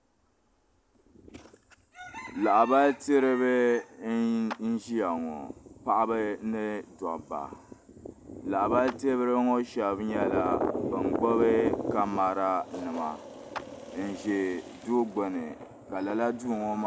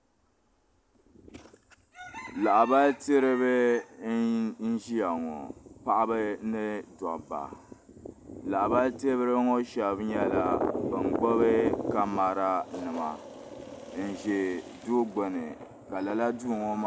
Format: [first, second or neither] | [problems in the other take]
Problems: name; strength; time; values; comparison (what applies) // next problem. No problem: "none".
second | background sound (Clapping); 19 dB below the speech